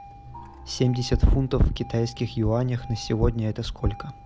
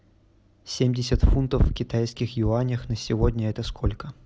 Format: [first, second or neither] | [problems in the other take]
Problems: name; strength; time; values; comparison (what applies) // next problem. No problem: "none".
second | background sound (Engine starting + Gong); 18 dB below the speech